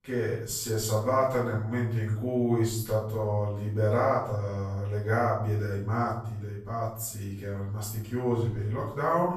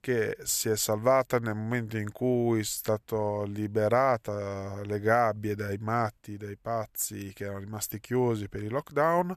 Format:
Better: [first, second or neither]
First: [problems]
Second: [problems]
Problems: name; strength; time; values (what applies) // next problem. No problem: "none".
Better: second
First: off-mic speech; far // room echo; noticeable; dies away in 0.7 s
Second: none